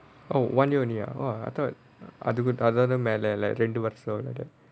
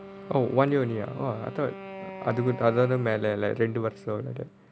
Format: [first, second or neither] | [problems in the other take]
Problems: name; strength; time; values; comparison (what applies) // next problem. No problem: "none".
first | background sound (Wind instrument, woodwind instrument); 15 dB below the speech